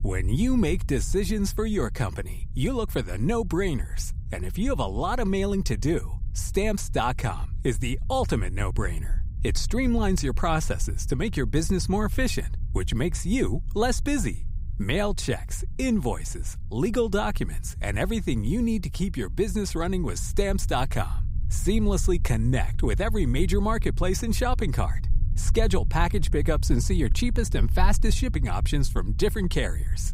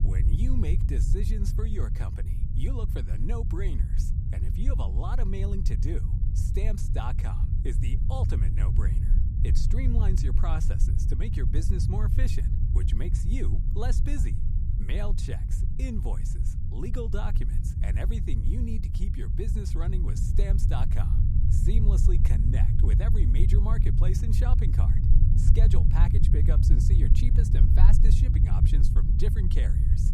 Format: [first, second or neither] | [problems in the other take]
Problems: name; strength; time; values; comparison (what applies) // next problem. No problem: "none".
first | low rumble; loud; throughout; 1 dB below the speech; faint in the first